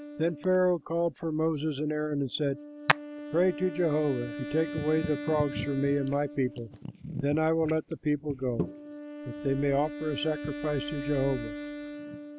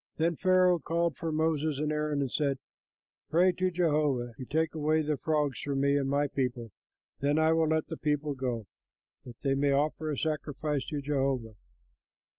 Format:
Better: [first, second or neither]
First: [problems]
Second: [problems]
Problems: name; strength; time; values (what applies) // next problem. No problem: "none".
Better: second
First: background sound (Wind instrument, woodwind instrument + Hands); 8 dB below the speech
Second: none